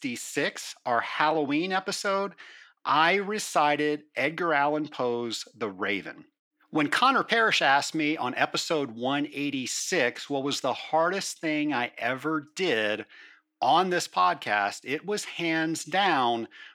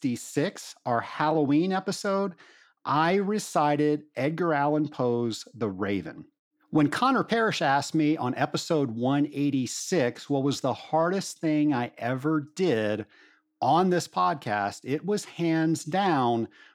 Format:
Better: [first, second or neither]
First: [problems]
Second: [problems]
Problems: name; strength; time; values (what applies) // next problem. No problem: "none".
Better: second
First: thin; very slightly; fading below 1 kHz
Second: none